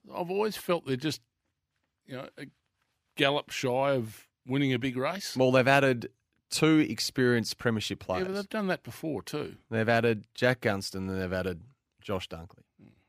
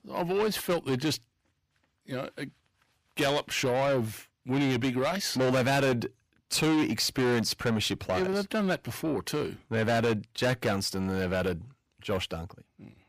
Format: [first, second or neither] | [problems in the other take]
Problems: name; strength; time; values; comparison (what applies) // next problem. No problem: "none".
first | distortion; heavy; 6 dB below the speech